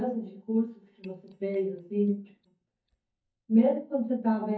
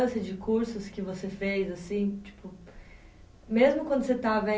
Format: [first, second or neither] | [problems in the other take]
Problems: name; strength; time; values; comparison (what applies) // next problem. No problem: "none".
second | noise reduction (neural mask model DeepFilterNet 3)